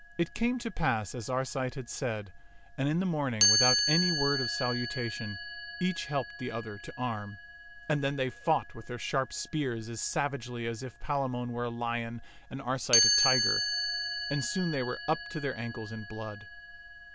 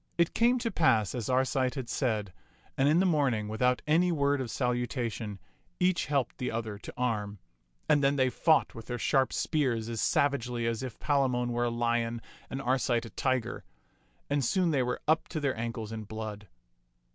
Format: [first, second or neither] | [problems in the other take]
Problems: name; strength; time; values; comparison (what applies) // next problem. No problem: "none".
second | background sound (Chime); 2 dB below the speech